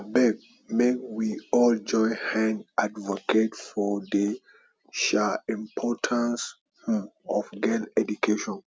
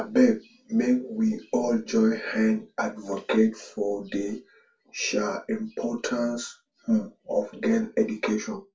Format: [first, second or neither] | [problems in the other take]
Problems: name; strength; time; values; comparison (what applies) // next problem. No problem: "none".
first | room echo; dies away in 0.2 s